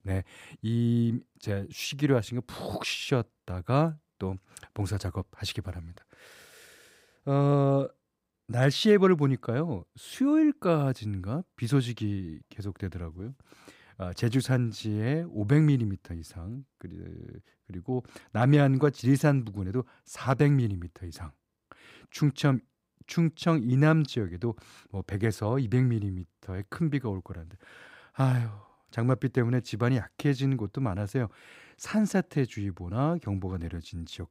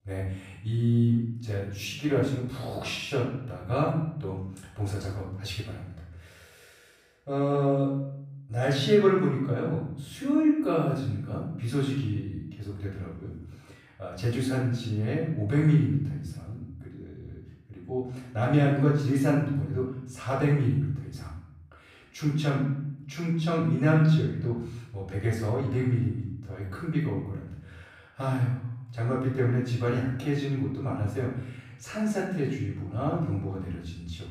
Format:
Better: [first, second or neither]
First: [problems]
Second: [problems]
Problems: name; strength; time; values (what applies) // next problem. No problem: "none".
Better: first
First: none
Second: off-mic speech; far // room echo; noticeable; dies away in 0.7 s